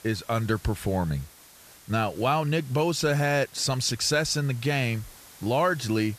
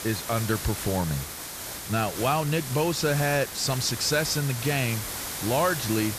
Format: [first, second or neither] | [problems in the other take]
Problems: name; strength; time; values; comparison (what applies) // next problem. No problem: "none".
first | hiss; loud; throughout; 6 dB below the speech; faint in the first